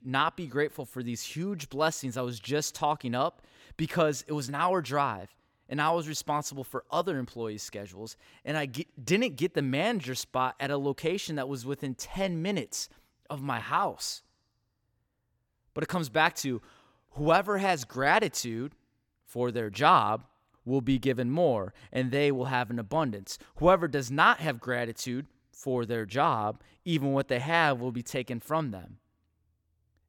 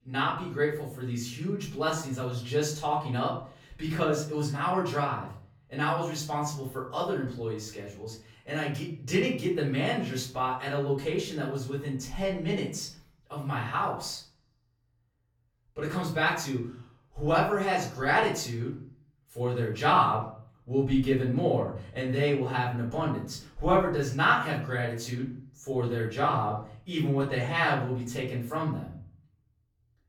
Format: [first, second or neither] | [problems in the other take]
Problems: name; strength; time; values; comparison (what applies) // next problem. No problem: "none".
first | room echo; noticeable; dies away in 0.5 s // off-mic speech; far